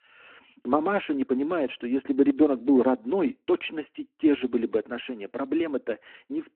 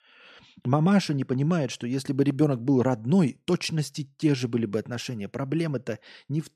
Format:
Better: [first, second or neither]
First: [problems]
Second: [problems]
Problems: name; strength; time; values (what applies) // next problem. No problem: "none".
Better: second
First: phone-call audio; nothing above 8 kHz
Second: none